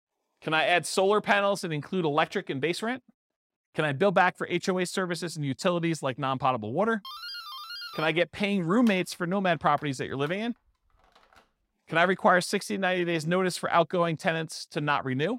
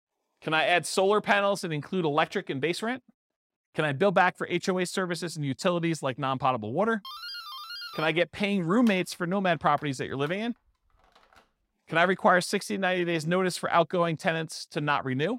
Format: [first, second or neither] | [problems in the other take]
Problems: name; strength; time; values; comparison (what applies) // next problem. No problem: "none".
neither | doorbell; faint; from 7 to 11 s; peak 10 dB below the speech; the same in both